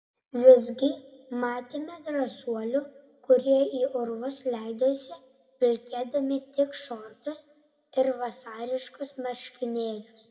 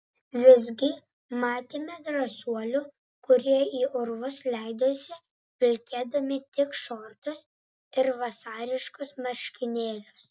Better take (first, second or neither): second